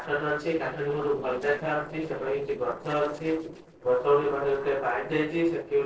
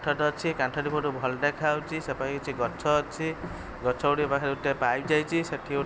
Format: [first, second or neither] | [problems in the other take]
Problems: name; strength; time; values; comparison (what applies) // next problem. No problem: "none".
second | noise reduction (neural separator model SepFormer DNS4)